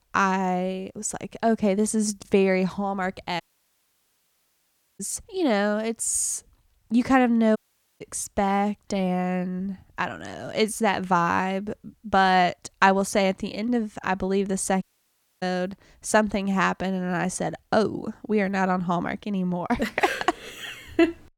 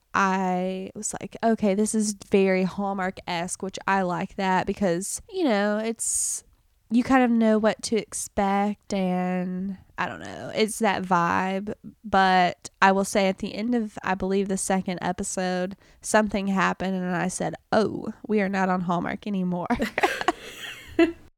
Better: second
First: audio cutting out; at 3.5 s for 1.5 s, at 7.5 s and at 15 s for 0.5 s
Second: none

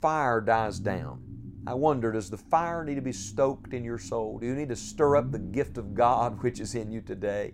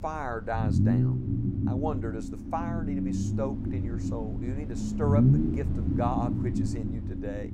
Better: first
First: low rumble; faint; throughout; 25 dB below the speech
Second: low rumble; loud; throughout; 1 dB below the speech

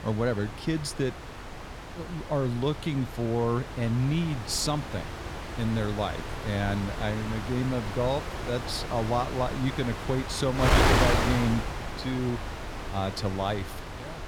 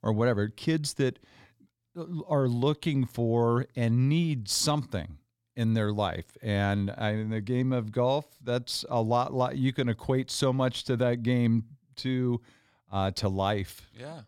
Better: second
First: wind noise on the microphone; heavy; 1 dB below the speech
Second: none

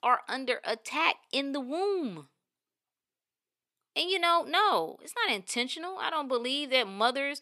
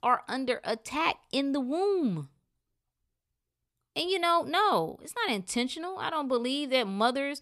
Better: second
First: thin; very slightly; fading below 300 Hz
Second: none

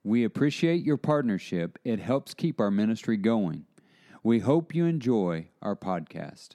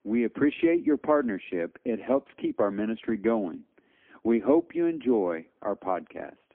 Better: first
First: none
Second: phone-call audio; poor line; nothing above 3.5 kHz

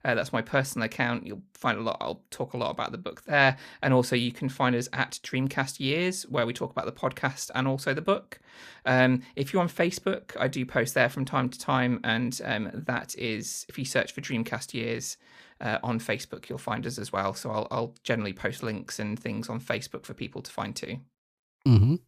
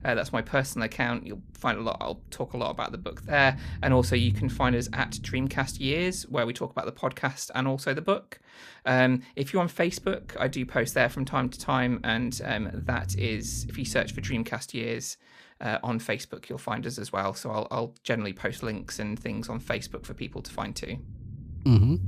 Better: first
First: none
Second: low rumble; faint; until 6 s, from 10 to 14 s and from 18 s on; 20 dB below the speech

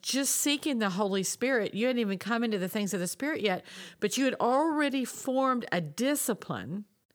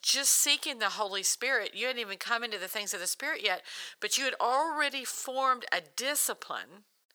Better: first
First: none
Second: thin; very; fading below 850 Hz

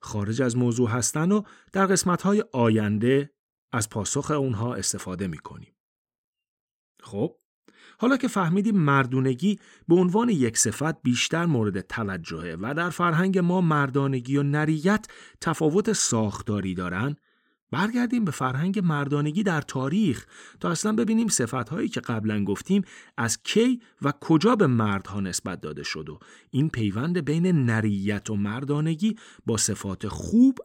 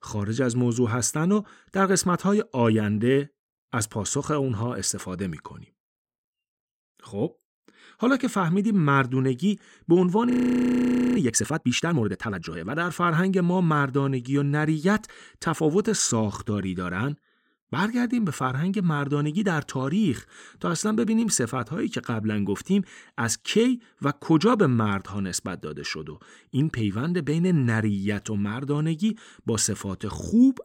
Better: first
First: none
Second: audio freezing; at 10 s for 1 s

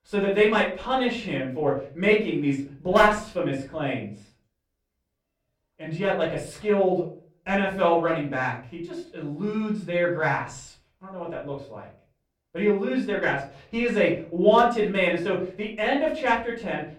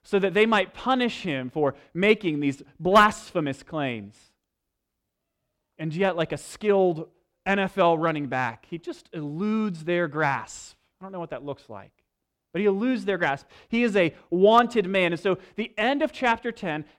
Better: second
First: room echo; slight; dies away in 0.3 s // off-mic speech; far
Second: none

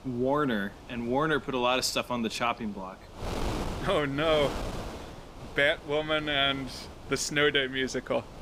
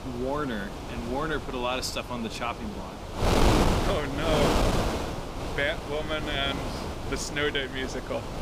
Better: first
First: wind noise on the microphone; occasional gusts; 15 dB below the speech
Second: wind noise on the microphone; heavy; 1 dB below the speech

